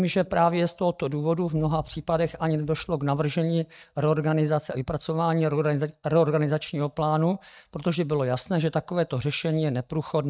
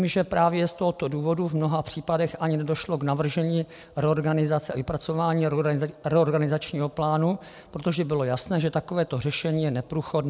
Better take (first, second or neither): second